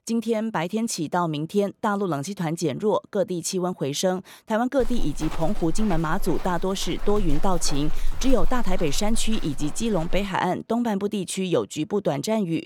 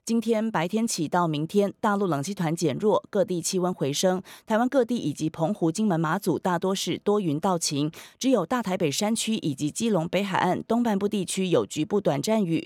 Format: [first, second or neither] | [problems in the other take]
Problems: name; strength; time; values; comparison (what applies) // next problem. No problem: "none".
second | footsteps; noticeable; from 5 to 10 s; peak 8 dB below the speech